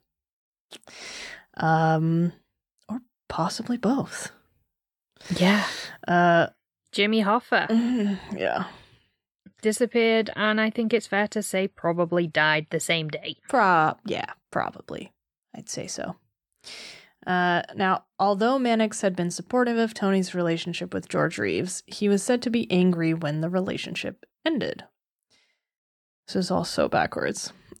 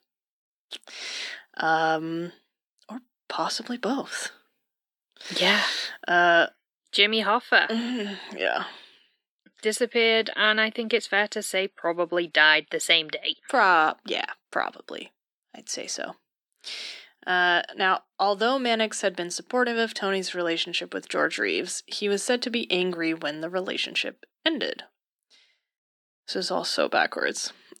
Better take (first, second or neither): first